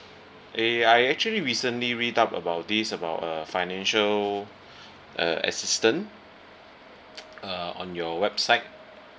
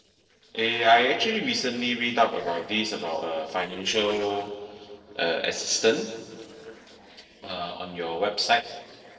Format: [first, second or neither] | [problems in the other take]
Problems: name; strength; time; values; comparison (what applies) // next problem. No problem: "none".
first | noise reduction (neural separator model SepFormer DNS4)